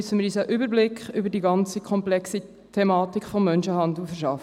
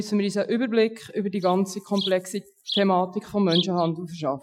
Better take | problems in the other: first | noise reduction (classical method Wiener filter)

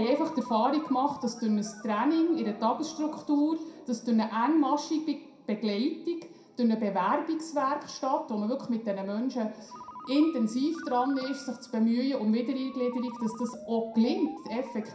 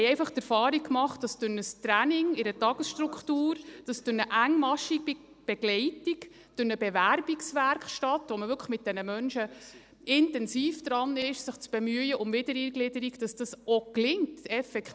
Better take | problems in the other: second | background sound (Ringtone); 19 dB below the speech // room echo; dies away in 0.5 s

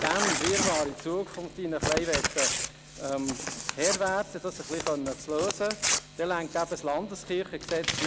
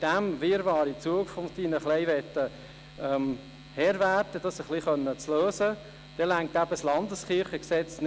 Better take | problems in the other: second | background sound (Crumpling, crinkling / Tearing); 2 dB below the speech

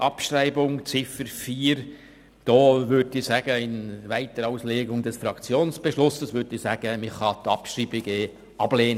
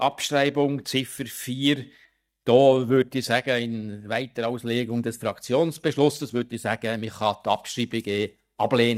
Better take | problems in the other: first | noise reduction (neural mask model DeepFilterNet 3)

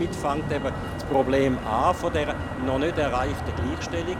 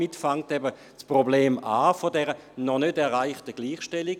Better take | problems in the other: second | background sound (Motor vehicle (road)); 4 dB below the speech

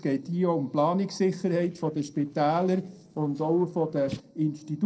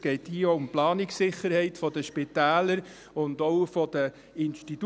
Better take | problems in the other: second | noise reduction (neural separator model SepFormer DNS4)

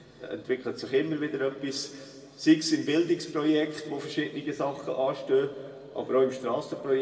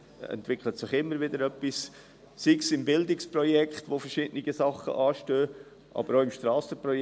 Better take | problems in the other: second | room echo; dies away in 2.1 s

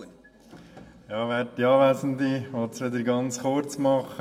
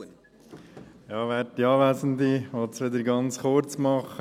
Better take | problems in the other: second | room echo; dies away in 1 s

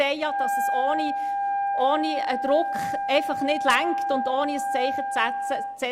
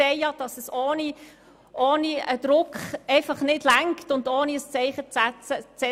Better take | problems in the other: second | background sound (Wind instrument, woodwind instrument); 1 dB below the speech

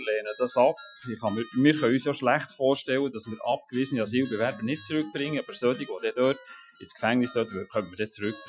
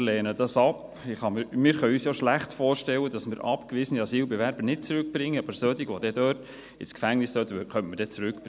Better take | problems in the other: second | noise reduction (classical method Wiener filter)

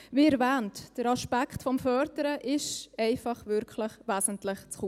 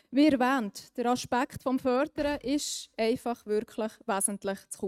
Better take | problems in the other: first | noise reduction (neural mask model RNNoise)

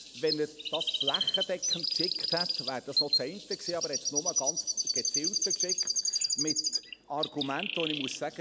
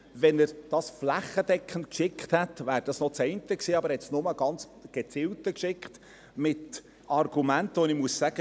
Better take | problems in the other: second | background sound (Chirp, tweet); 4 dB above the speech

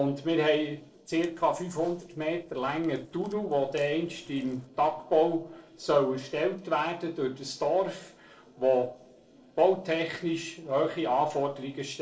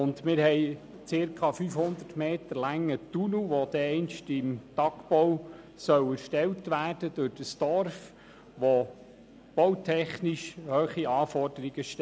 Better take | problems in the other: second | noise reduction (neural separator model SepFormer DNS4)

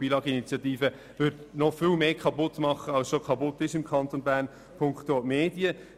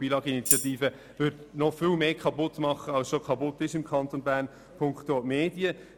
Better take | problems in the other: first | background sound (Tambourine); as loud as the speech

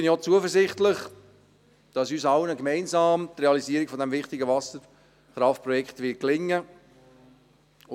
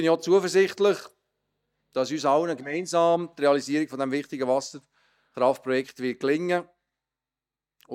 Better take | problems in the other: first | noise reduction (neural mask model DeepFilterNet 3)

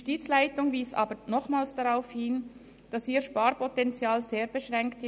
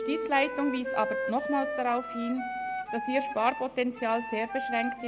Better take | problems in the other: first | background sound (Wind instrument, woodwind instrument); 5 dB below the speech

